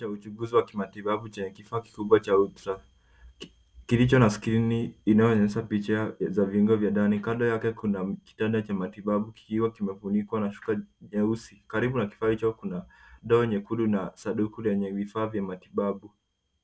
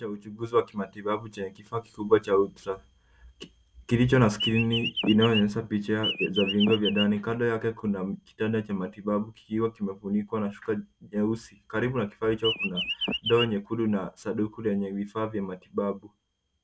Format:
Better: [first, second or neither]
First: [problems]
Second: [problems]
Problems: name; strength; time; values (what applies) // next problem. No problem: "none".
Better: first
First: none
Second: background sound (Chirp, tweet); 3 dB below the speech